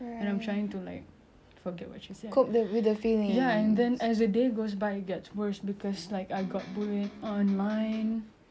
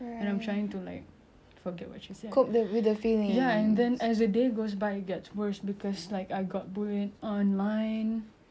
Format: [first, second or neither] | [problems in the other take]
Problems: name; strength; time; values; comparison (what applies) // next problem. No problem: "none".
second | background sound (Electric guitar); 16 dB below the speech